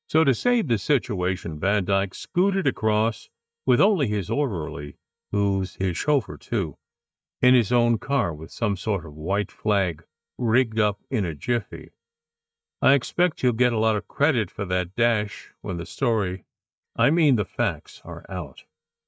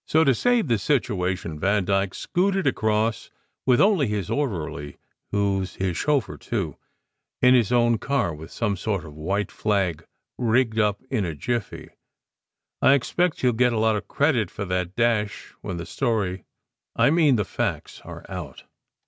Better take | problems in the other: second | noise reduction (neural mask model DeepFilterNet 3)

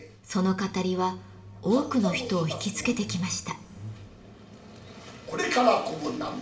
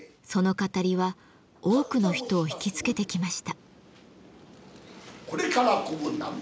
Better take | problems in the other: second | background sound (Truck); 18 dB below the speech // room echo; dies away in 1.6 s

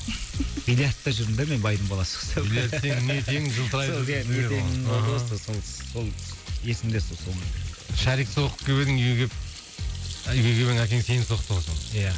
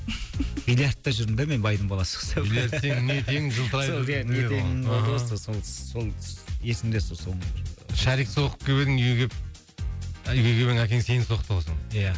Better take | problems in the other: second | background sound (Sink (filling or washing) / Hands); 17 dB below the speech

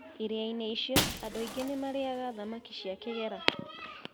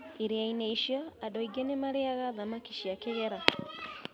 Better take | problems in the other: second | background sound (Shatter); 4 dB below the speech

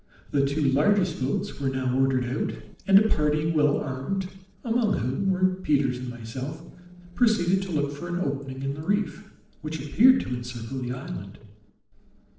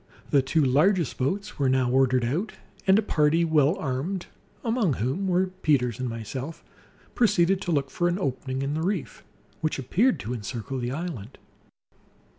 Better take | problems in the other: second | noise reduction (neural separator model SepFormer DNS4)

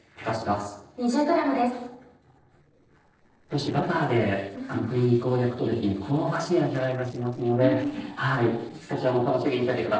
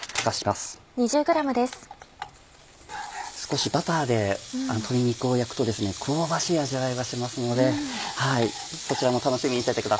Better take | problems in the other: second | noise reduction (neural separator model SepFormer DNS4)

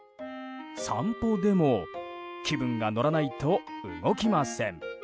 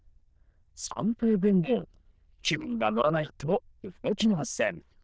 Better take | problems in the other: first | noise reduction (neural diffusion model UNIVERSE++)

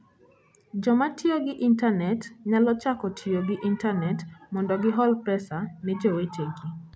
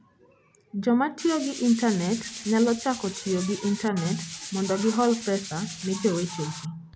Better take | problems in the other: first | background sound (Tools); 12 dB below the speech

